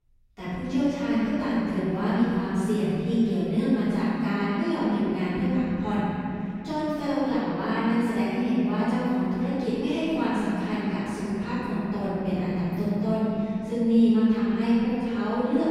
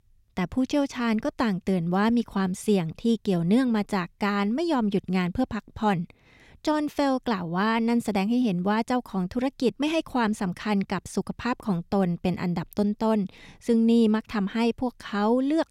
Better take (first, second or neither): second